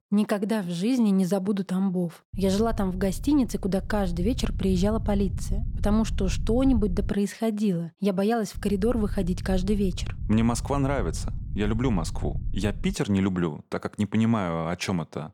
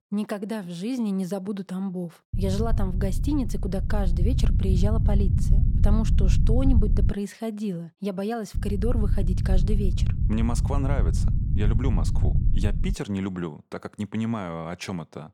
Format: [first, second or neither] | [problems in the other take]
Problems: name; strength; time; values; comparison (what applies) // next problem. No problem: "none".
first | low rumble; loud; from 2.5 to 7 s and from 8.5 to 13 s; 7 dB below the speech; faint in the first